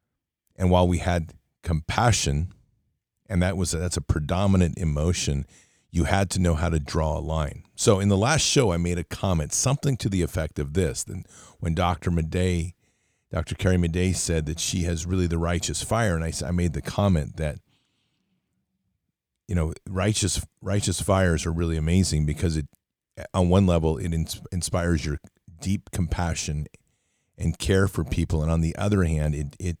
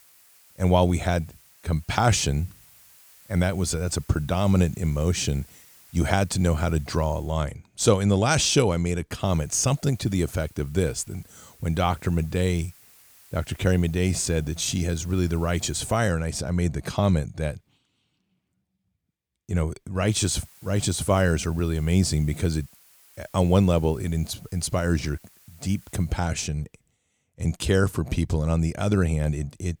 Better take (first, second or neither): first